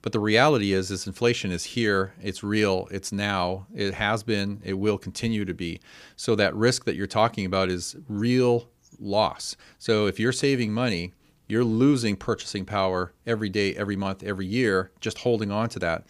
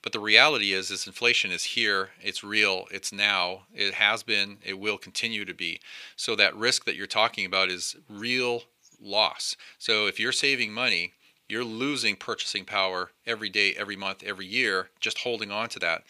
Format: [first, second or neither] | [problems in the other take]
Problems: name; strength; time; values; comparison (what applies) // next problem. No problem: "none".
first | thin; somewhat; fading below 1 kHz